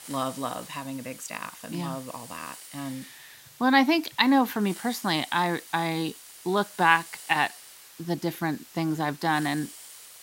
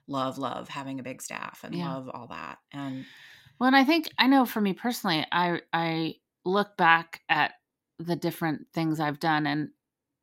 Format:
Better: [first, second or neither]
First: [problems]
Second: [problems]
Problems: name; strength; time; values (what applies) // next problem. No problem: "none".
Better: second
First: hiss; noticeable; throughout; 15 dB below the speech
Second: none